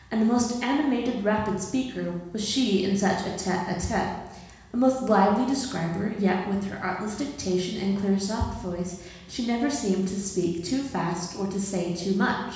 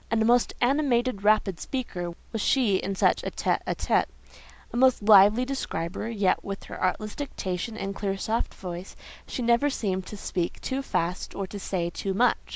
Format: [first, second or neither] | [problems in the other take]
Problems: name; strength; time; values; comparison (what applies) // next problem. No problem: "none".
second | room echo; dies away in 1.1 s